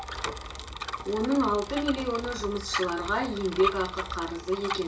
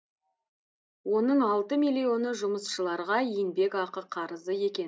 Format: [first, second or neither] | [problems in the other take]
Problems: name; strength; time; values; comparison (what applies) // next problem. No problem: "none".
second | background sound (Bicycle); 6 dB below the speech // room echo; dies away in 0.3 s